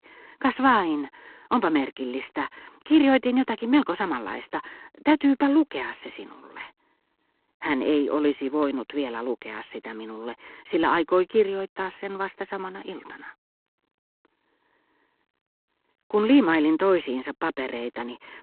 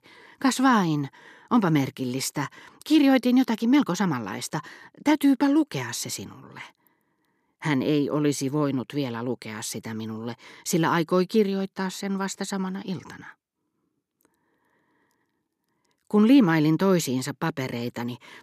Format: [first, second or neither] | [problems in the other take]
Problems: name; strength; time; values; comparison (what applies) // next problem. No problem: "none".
second | phone-call audio; poor line